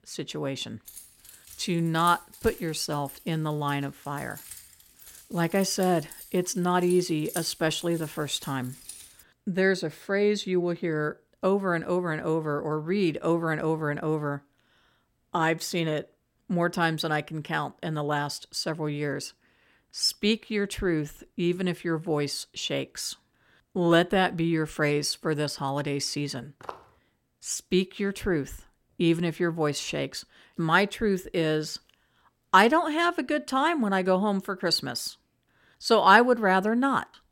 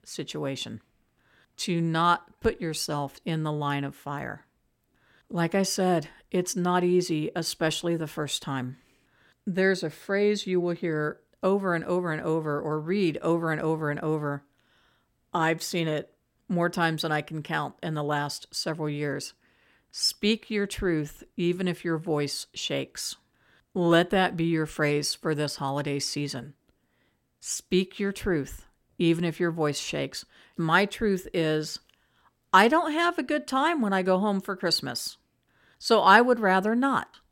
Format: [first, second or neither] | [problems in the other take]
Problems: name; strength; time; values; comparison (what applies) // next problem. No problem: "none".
second | jangling keys; noticeable; from 1 to 9 s; peak 10 dB below the speech // footsteps; faint; at 27 s; peak 15 dB below the speech